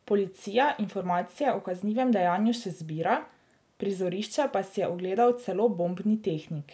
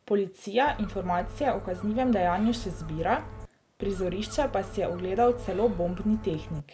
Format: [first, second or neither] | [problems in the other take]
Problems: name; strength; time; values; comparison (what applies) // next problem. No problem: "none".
first | background sound (Gull, seagull); 11 dB below the speech